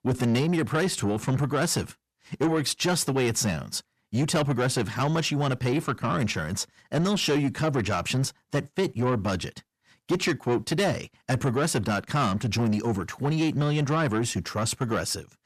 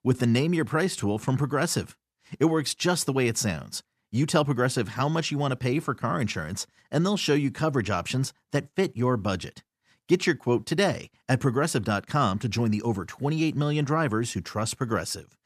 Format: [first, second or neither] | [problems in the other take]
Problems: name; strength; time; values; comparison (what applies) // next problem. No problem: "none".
second | distortion; slight; 10 dB below the speech